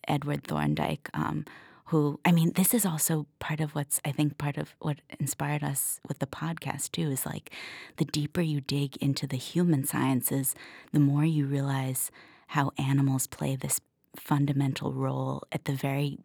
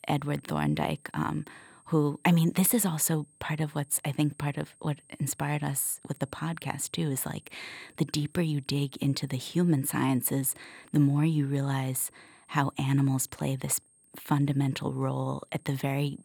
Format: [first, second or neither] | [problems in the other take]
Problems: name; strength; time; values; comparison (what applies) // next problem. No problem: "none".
first | high-pitched whine; faint; throughout; 8.5 kHz, 30 dB below the speech